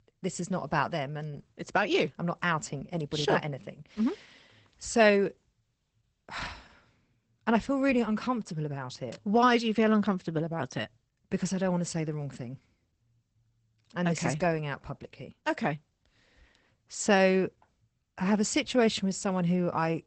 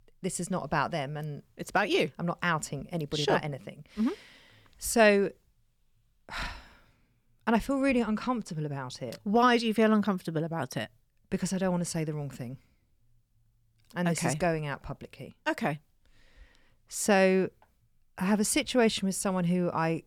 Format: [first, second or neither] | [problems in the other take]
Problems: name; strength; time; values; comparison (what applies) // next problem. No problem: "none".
second | garbled, watery; badly; nothing above 8 kHz